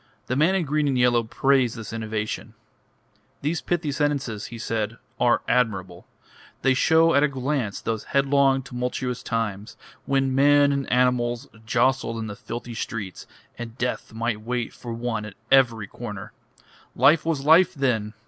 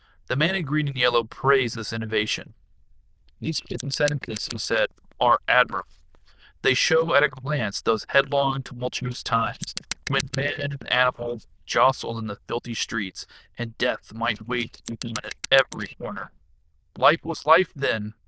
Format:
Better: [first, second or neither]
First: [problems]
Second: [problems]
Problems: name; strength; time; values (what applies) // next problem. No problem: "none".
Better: first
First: none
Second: noise reduction (neural diffusion model UNIVERSE++)